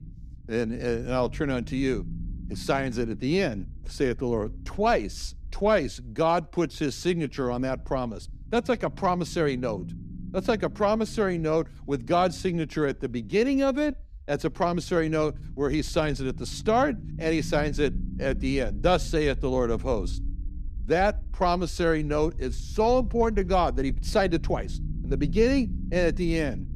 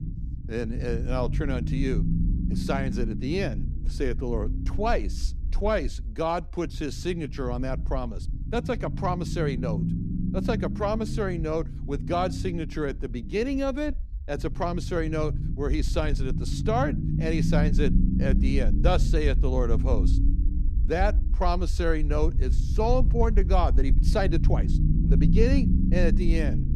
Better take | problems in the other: first | low rumble; loud; throughout; 9 dB below the speech; faint in the first

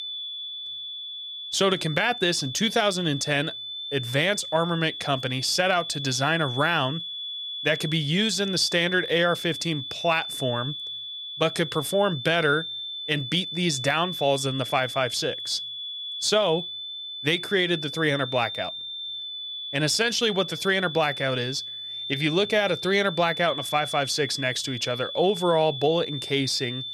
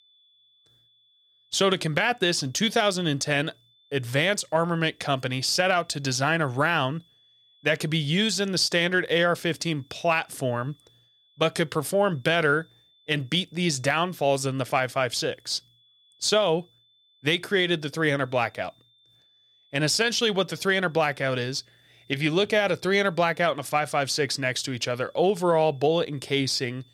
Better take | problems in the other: second | high-pitched whine; loud; throughout; 3.5 kHz, 7 dB below the speech; faint in the second

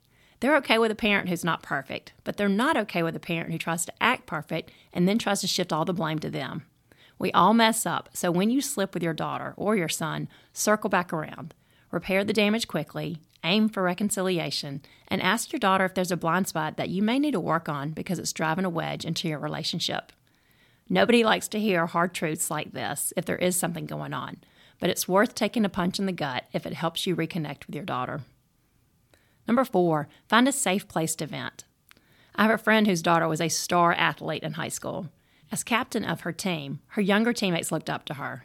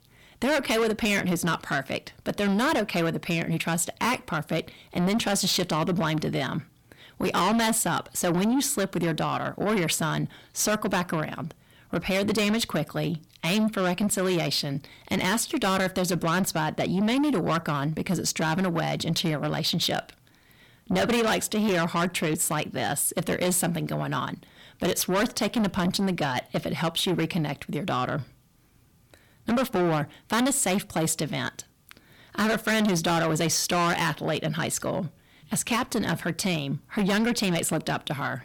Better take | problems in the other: first | distortion; heavy; 6 dB below the speech

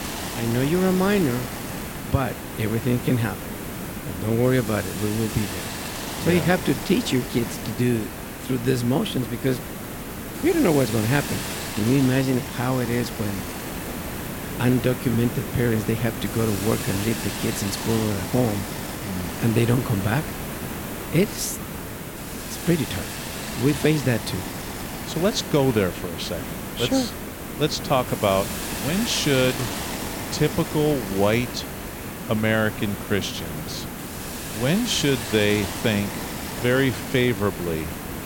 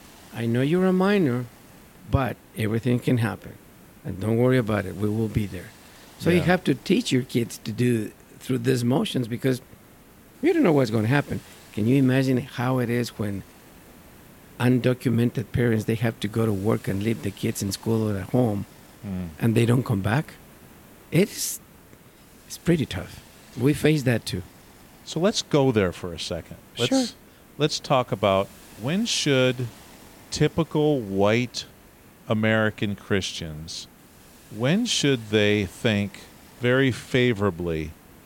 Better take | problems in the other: second | hiss; loud; throughout; 7 dB below the speech; faint in the second

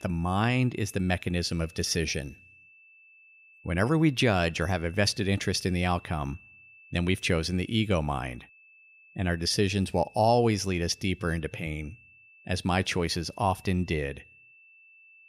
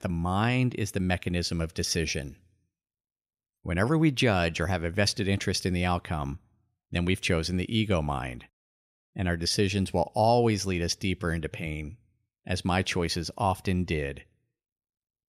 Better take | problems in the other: second | high-pitched whine; faint; throughout; 2.5 kHz, 25 dB below the speech

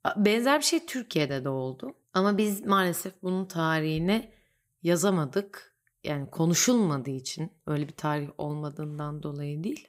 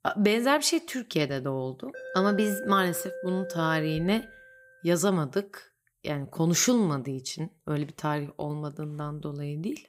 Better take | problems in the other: first | alarm; noticeable; from 2 to 4.5 s; peak 7 dB below the speech

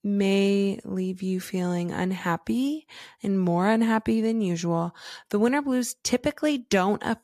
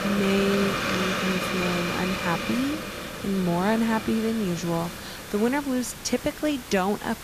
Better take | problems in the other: first | hiss; loud; throughout; 4 dB below the speech

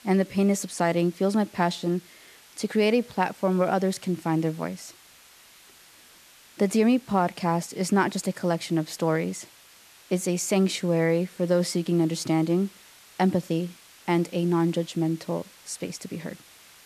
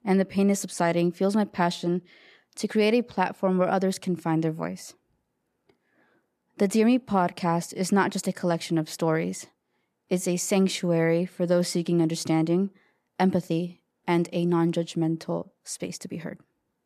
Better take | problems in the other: second | hiss; faint; throughout; 25 dB below the speech

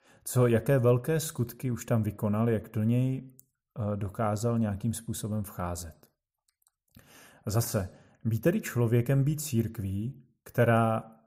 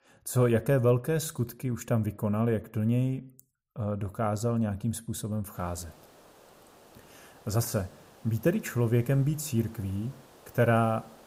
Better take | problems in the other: first | hiss; faint; from 5.5 s on; 25 dB below the speech

